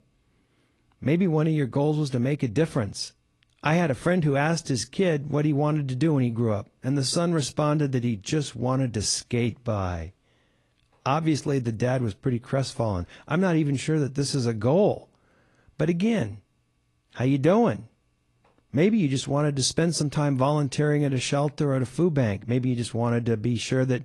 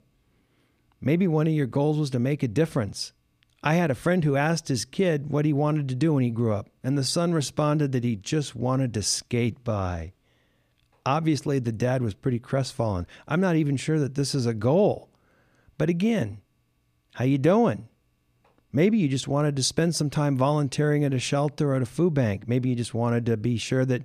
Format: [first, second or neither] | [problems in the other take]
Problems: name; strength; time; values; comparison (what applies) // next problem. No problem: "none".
second | garbled, watery; slightly